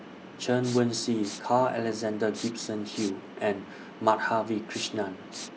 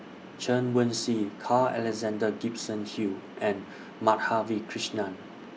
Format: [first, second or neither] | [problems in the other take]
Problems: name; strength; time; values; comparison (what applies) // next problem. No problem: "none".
second | background sound (Respiratory sounds); 15 dB below the speech